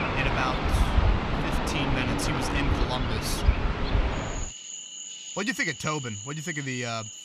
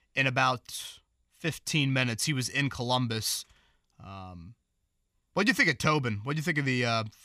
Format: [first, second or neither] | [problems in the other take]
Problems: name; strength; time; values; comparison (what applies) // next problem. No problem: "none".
second | animal sounds; very loud; throughout; 2 dB above the speech